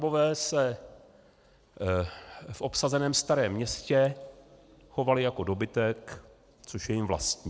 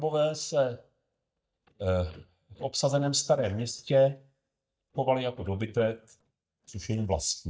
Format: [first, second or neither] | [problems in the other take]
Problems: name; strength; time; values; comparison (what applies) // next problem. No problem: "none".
first | noise reduction (neural mask model DeepFilterNet 3)